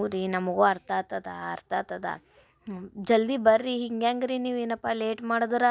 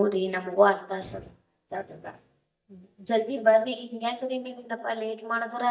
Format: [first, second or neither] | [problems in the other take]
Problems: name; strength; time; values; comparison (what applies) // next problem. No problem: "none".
first | noise reduction (neural mask model DeepFilterNet 3)